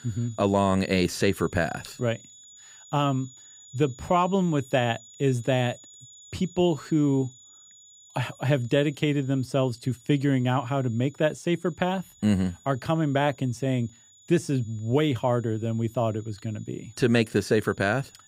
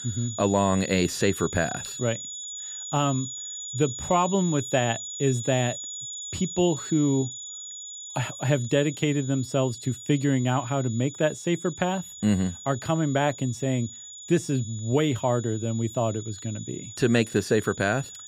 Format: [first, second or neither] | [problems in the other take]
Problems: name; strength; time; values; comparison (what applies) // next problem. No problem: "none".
first | high-pitched whine; loud; throughout; 7 kHz, 10 dB below the speech; faint in the first